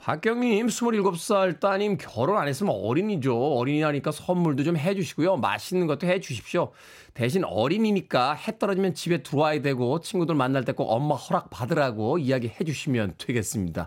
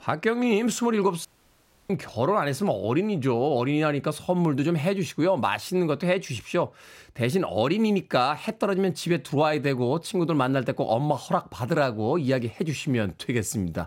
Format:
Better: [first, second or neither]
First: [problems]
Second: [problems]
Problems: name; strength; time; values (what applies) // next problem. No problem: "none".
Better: first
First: none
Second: audio cutting out; at 1.5 s for 0.5 s